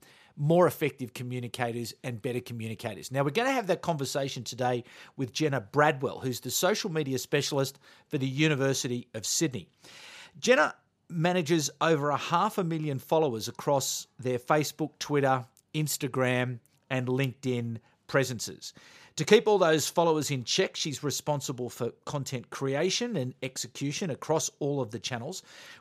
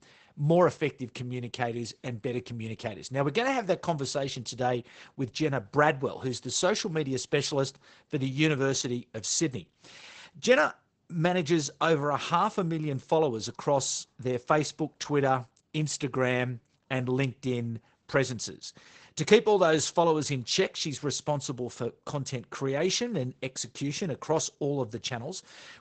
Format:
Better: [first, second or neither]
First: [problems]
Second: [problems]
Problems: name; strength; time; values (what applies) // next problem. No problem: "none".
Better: first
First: none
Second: garbled, watery; badly; nothing above 8 kHz